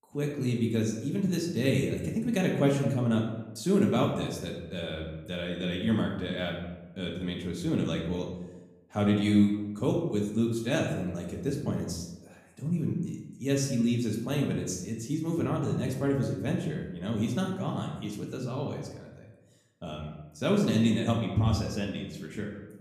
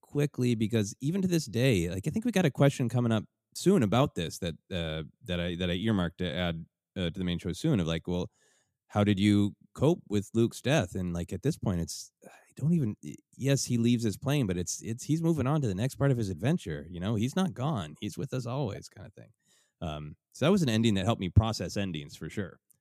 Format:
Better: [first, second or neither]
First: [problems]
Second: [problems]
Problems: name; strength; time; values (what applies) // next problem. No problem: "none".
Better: second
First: room echo; slight; dies away in 0.8 s // off-mic speech; somewhat distant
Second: none